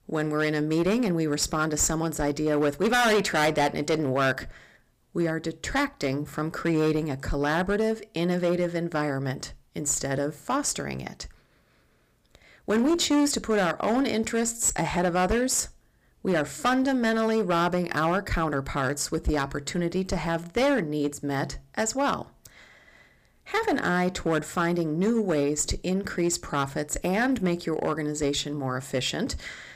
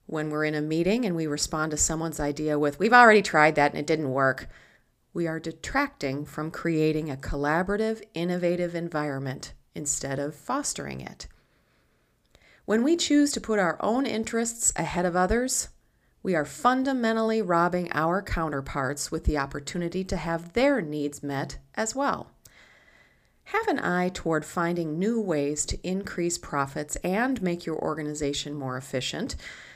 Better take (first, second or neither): second